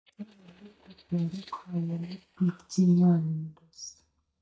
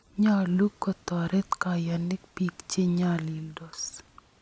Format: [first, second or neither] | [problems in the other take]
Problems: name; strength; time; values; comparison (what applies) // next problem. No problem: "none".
second | noise reduction (neural mask model DeepFilterNet 3)